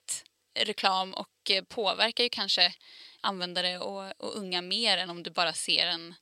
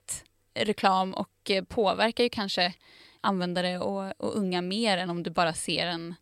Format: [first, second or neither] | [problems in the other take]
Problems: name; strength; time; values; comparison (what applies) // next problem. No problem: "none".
second | thin; very slightly; fading below 400 Hz